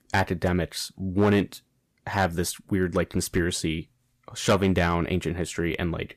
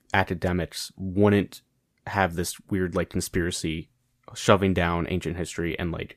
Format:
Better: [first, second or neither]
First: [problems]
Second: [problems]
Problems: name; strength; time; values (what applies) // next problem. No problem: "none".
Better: second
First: distortion; slight; 2% of the sound clipped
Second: none